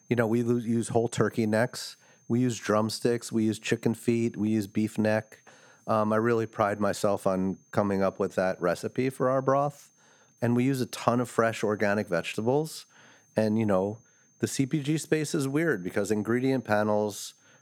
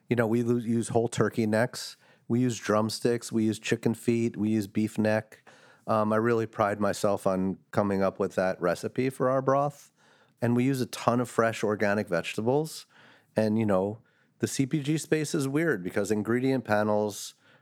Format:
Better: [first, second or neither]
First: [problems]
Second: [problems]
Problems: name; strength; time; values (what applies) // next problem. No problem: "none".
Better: second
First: high-pitched whine; faint; throughout; 6.5 kHz, 35 dB below the speech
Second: none